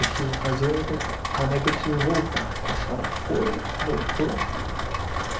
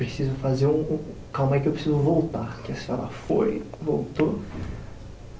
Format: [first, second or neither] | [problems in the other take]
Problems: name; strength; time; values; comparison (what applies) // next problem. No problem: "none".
second | background sound (Rain); as loud as the speech